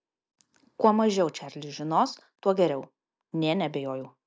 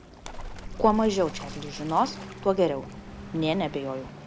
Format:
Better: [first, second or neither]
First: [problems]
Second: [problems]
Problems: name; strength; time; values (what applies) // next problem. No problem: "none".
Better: first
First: none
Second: background sound (Waves, surf + Bird); 11 dB below the speech